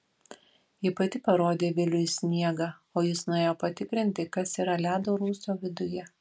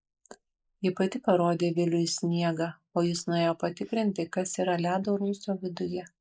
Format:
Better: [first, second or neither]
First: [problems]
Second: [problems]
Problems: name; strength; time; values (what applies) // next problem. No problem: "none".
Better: first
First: none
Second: noise reduction (neural mask model Resemble Enhance denoiser)